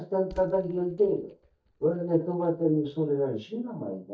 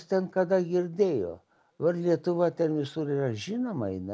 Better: second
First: noise reduction (neural mask model DeepFilterNet 3)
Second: none

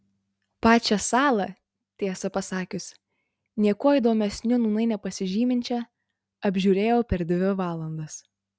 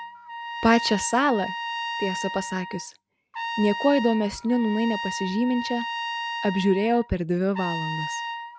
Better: first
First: none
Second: background sound (Trumpet); 7 dB below the speech

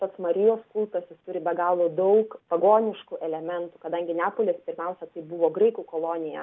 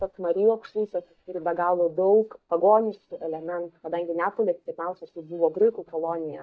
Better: first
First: none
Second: noise reduction (neural mask model DeepFilterNet 3)

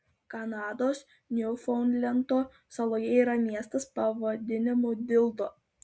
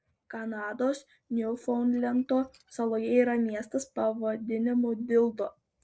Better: first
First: none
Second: noise reduction (neural separator model SepFormer DNS4)

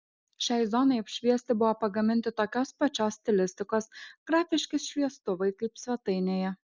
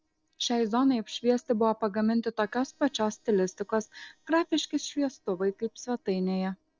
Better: first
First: none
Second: noise reduction (neural separator model SepFormer DNS4)

